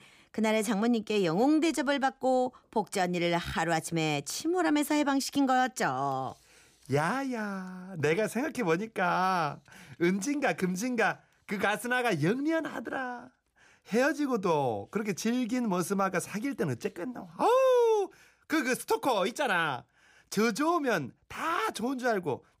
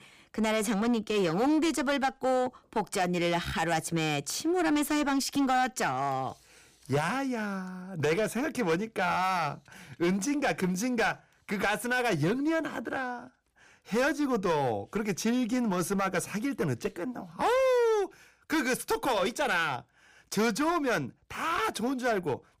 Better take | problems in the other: first | distortion; slight; 9% of the sound clipped

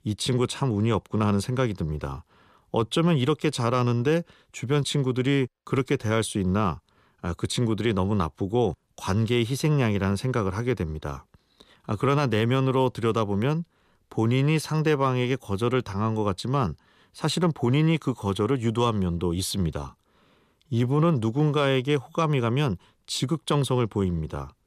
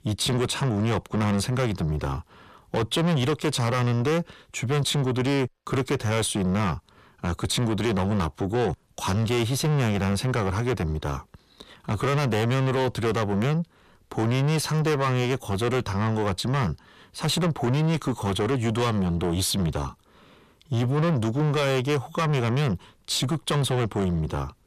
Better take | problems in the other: first | distortion; heavy; 7 dB below the speech

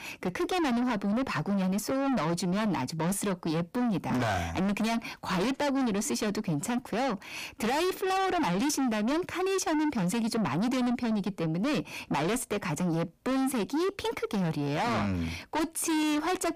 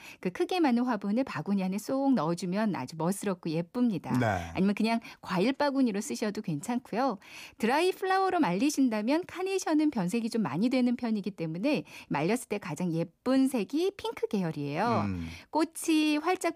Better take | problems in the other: second | distortion; heavy; 6 dB below the speech

